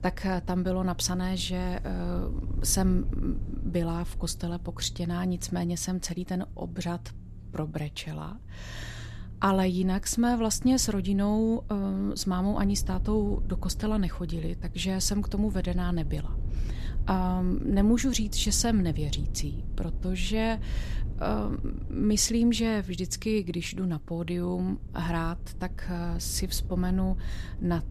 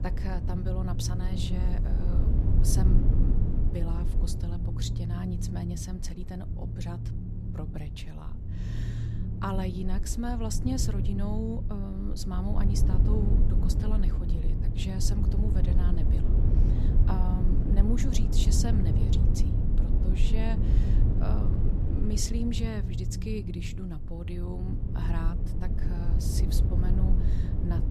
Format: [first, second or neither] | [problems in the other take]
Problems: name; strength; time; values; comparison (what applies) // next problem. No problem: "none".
first | low rumble; loud; throughout; 2 dB below the speech; faint in the first